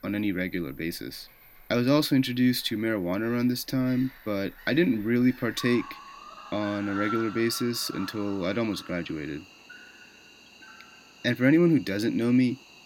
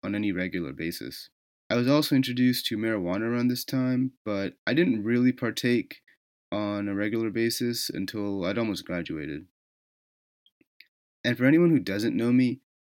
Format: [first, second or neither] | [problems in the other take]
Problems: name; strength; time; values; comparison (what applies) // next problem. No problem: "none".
second | animal sounds; noticeable; throughout; 20 dB below the speech